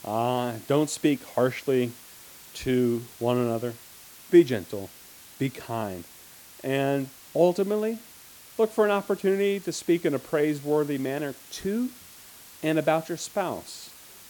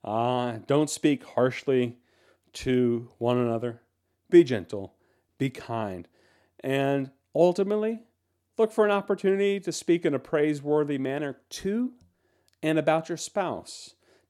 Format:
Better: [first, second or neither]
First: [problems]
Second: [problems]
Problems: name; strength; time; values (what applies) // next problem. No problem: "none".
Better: second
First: hiss; noticeable; throughout; 20 dB below the speech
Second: none